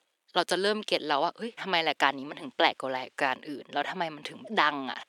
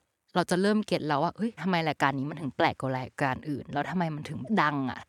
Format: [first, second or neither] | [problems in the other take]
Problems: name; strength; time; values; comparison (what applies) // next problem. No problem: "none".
second | thin; somewhat; fading below 400 Hz